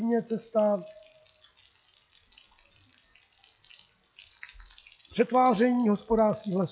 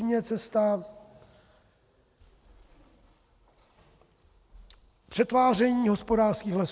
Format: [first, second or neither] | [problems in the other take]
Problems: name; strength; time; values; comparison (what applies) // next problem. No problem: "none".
second | noise reduction (classical method log-MMSE)